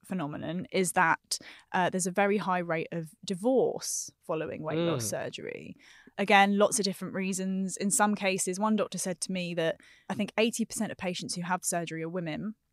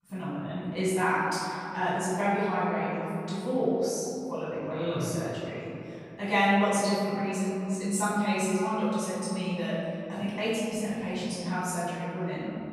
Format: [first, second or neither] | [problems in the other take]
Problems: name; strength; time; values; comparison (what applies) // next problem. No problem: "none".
first | off-mic speech; far // room echo; strong; dies away in 3 s